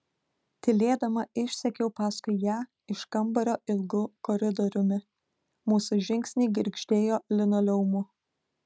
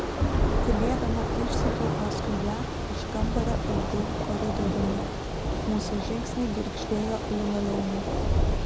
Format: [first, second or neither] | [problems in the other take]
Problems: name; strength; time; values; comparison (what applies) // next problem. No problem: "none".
first | background sound (Thunder / Rain); 4 dB above the speech